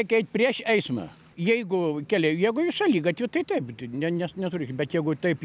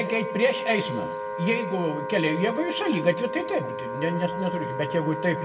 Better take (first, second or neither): first